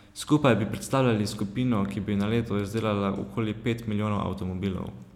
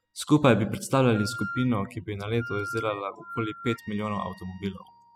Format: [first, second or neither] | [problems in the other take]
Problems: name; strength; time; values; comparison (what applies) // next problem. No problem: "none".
first | noise reduction (classical method spectral subtraction)